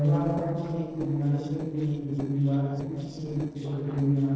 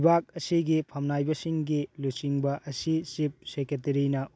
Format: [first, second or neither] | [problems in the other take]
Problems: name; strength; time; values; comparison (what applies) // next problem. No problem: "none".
second | noise reduction (neural separator model SepFormer DNS4)